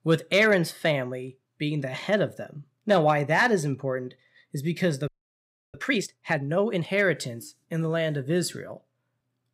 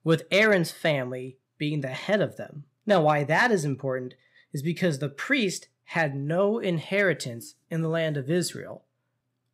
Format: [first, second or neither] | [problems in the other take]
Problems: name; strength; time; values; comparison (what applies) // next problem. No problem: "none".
second | audio freezing; at 5 s for 0.5 s